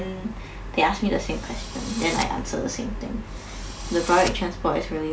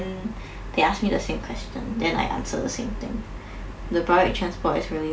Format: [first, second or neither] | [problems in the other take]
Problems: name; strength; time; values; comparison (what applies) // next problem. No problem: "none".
second | background sound (Drill); 12 dB below the speech